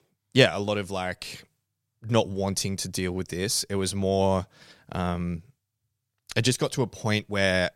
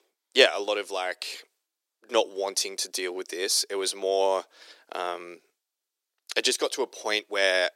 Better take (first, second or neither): first